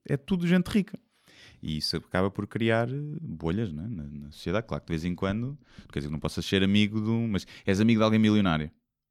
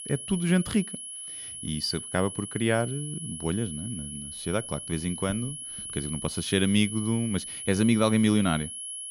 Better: first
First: none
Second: high-pitched whine; loud; throughout; 10.5 kHz, 8 dB below the speech

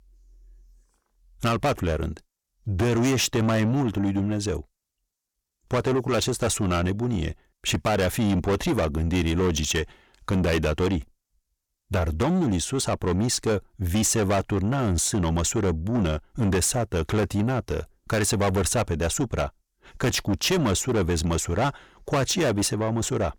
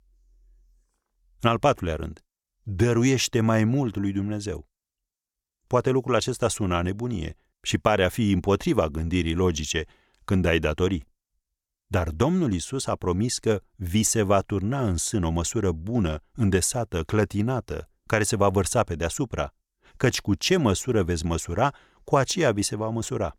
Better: second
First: distortion; heavy; 8 dB below the speech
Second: none

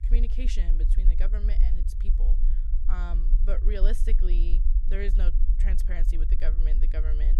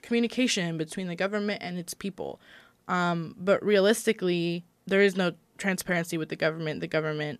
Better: second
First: low rumble; loud; throughout; 9 dB below the speech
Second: none

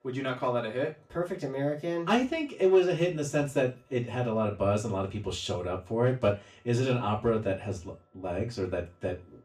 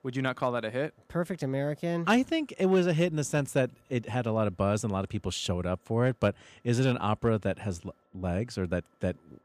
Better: second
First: room echo; very slight; dies away in 0.3 s // off-mic speech; far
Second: none

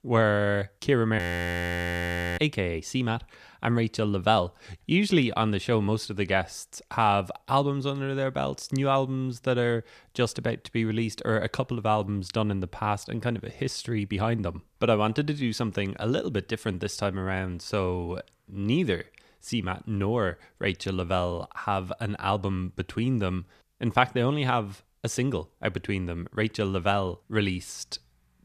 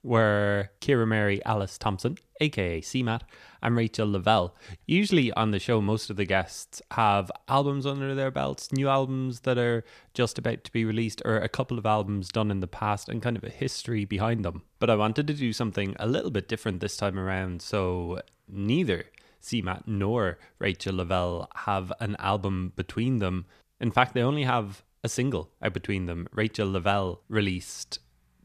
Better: second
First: audio freezing; at 1 s for 1 s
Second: none

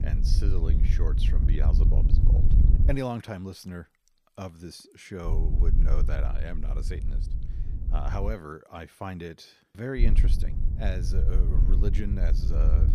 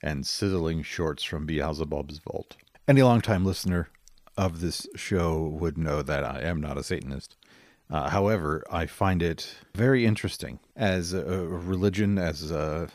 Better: second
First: wind noise on the microphone; heavy; until 3 s, from 5.5 to 8.5 s and from 10 s on; 5 dB below the speech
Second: none

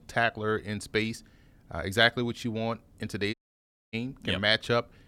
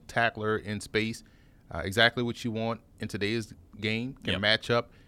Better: second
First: audio cutting out; at 3.5 s for 0.5 s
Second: none

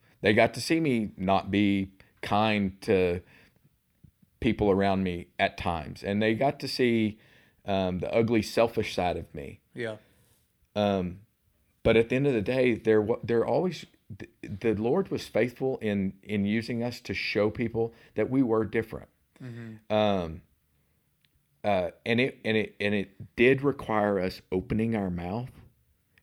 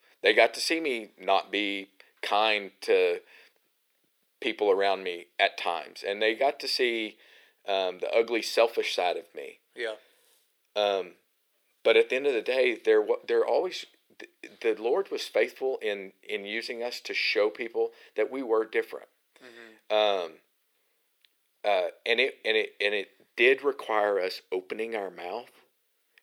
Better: first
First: none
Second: thin; very; fading below 400 Hz

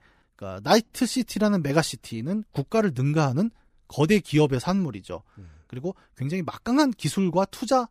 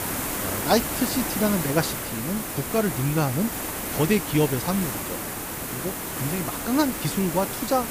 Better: first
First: none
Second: hiss; loud; throughout; 3 dB below the speech

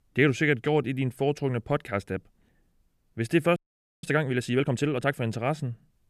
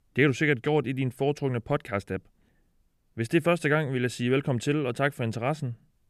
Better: second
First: audio freezing; at 3.5 s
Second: none

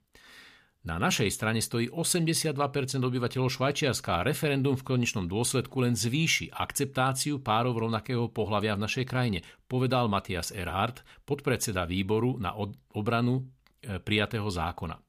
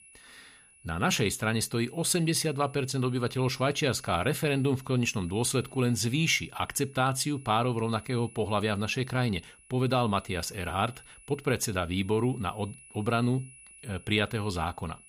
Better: first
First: none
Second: high-pitched whine; faint; throughout; 10 kHz, 25 dB below the speech

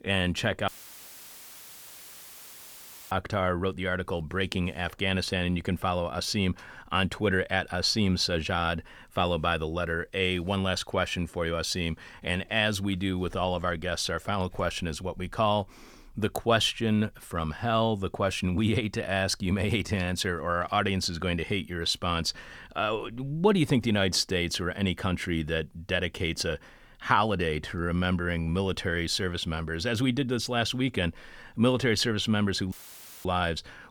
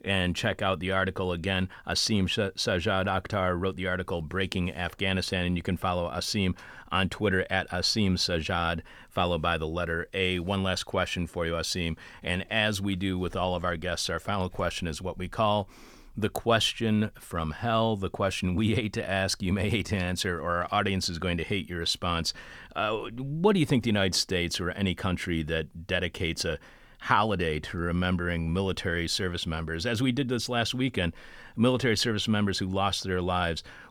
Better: second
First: audio cutting out; filled with static; at 0.5 s for 2.5 s and at 33 s for 0.5 s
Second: none

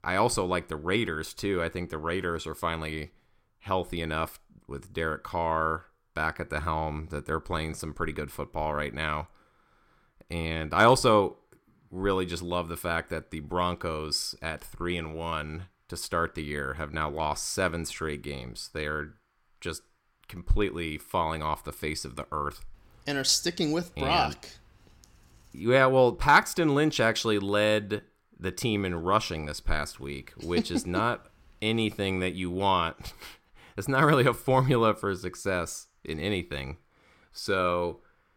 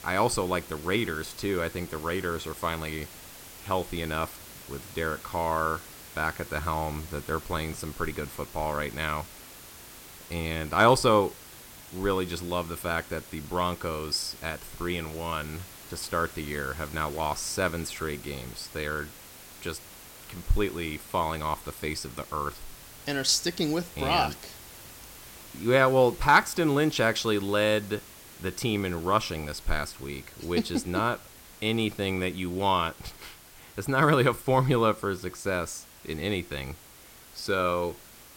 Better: first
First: none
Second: hiss; noticeable; throughout; 15 dB below the speech

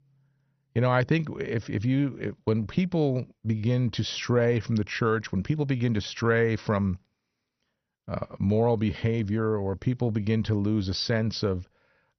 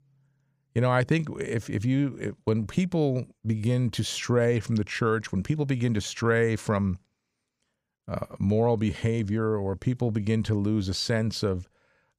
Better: second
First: garbled, watery; slightly; nothing above 6 kHz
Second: none

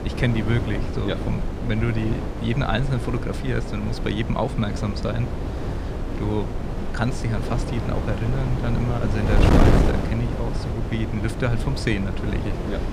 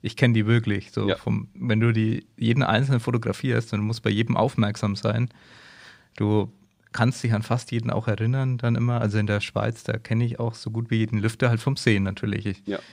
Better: second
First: wind noise on the microphone; heavy; 1 dB below the speech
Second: none

